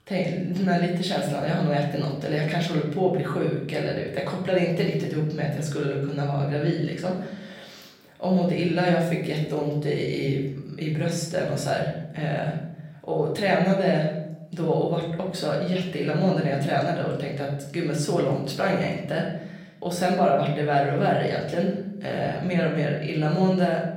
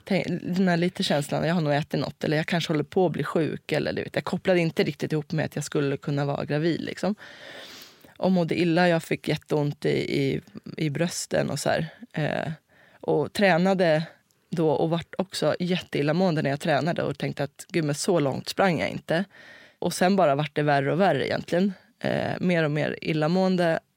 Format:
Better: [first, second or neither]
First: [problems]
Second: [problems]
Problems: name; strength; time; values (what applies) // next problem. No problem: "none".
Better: second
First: room echo; noticeable; dies away in 0.8 s // off-mic speech; far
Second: none